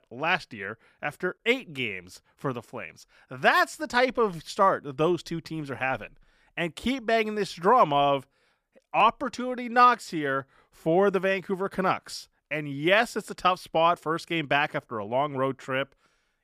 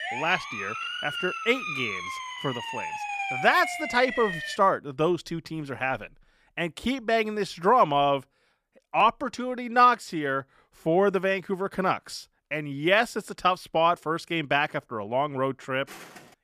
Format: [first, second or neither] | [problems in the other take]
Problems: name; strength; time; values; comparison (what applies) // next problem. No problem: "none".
first | siren; noticeable; until 4.5 s; peak 4 dB below the speech // footsteps; faint; at 16 s; peak 20 dB below the speech